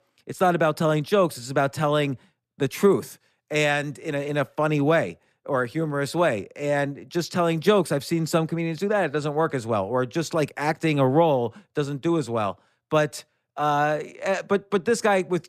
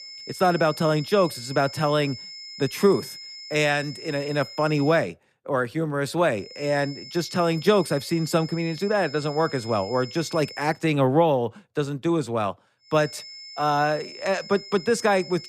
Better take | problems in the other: first | high-pitched whine; noticeable; until 5 s, from 6.5 to 11 s and from 13 s on; 5 kHz, 15 dB below the speech

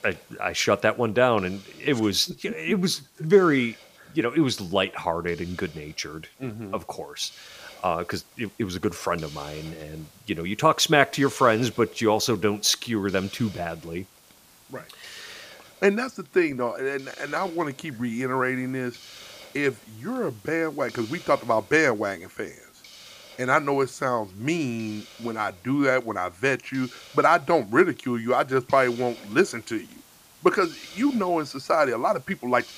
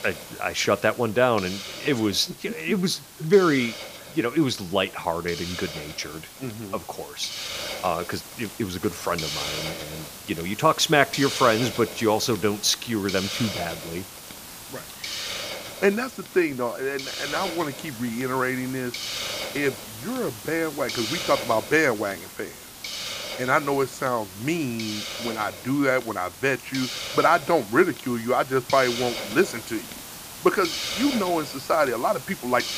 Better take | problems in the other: first | hiss; loud; throughout; 9 dB below the speech; faint in the first

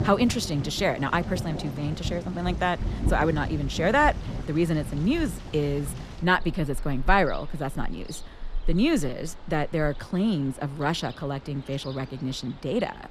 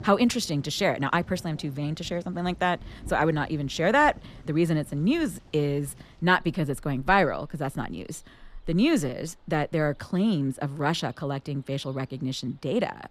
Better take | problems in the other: second | rain or running water; loud; throughout; 9 dB below the speech; faint in the second

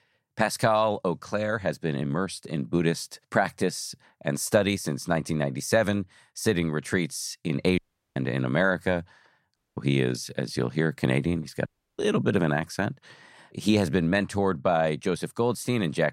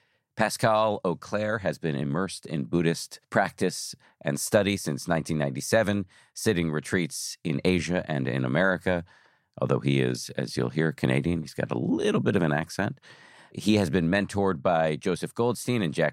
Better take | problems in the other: second | audio cutting out; at 8 s, at 9.5 s and at 12 s

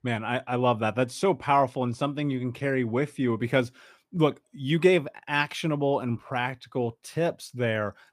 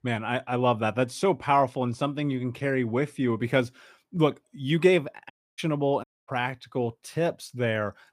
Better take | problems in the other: first | audio cutting out; at 5.5 s and at 6 s

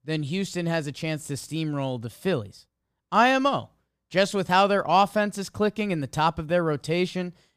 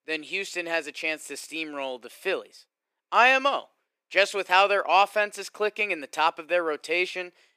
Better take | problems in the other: first | thin; very; fading below 350 Hz

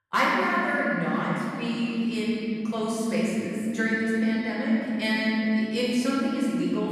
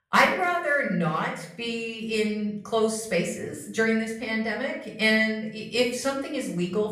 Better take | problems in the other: second | room echo; strong; dies away in 3 s; slight in the second // off-mic speech; far; far in the second

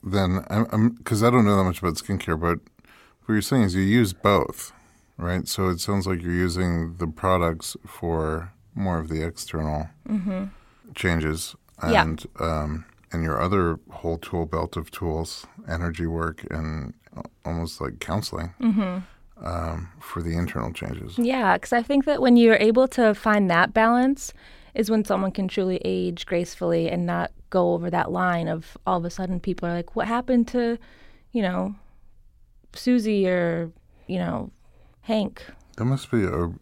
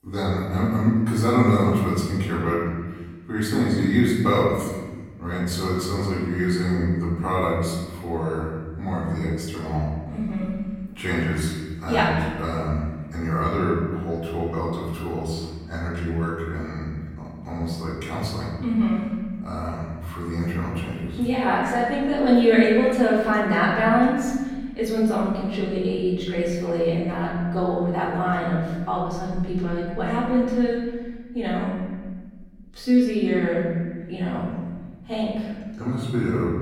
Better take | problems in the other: first | off-mic speech; far // room echo; noticeable; dies away in 1.5 s

